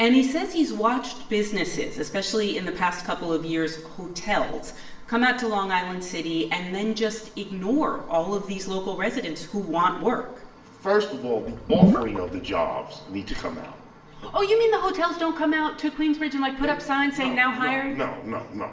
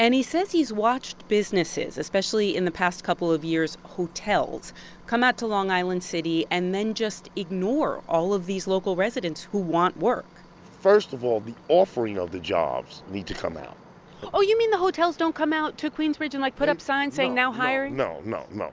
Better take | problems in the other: second | background sound (Gurgling / Liquid); 3 dB above the speech // room echo; dies away in 0.8 s

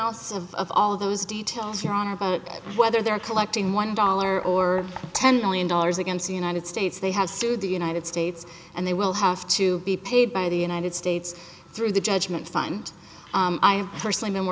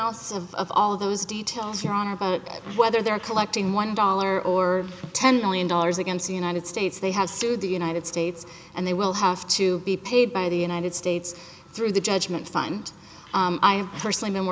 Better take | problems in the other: second | background sound (Knock); 19 dB below the speech

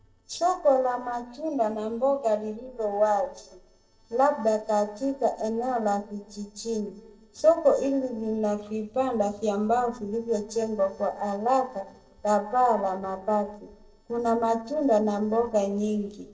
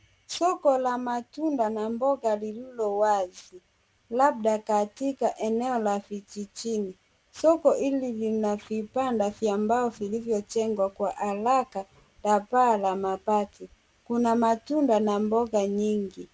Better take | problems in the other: second | noise reduction (neural separator model SepFormer DNS4)

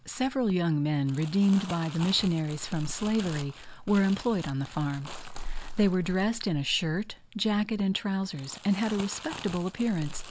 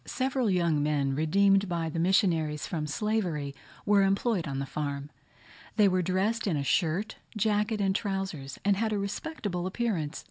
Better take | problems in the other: second | background sound (Crumpling, crinkling); 12 dB below the speech

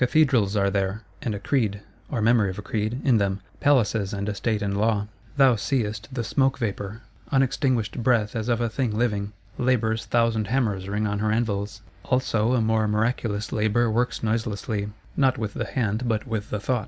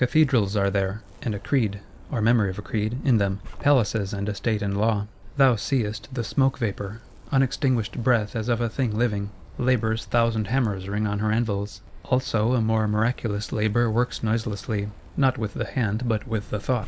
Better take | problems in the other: first | background sound (Zipper (clothing)); 19 dB below the speech

